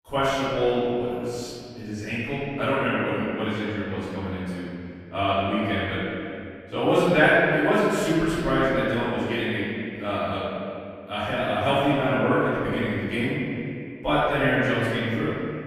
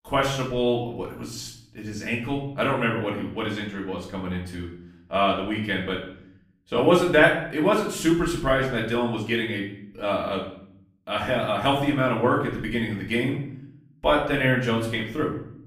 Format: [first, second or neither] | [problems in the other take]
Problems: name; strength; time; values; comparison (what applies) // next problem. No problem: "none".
second | room echo; strong; dies away in 2.3 s; slight in the second // off-mic speech; far; far in the second